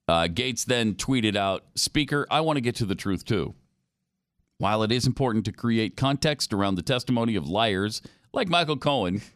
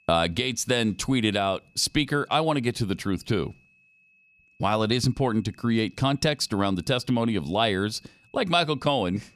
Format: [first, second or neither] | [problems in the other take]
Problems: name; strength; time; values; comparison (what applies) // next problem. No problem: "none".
first | high-pitched whine; faint; throughout; 2.5 kHz, 35 dB below the speech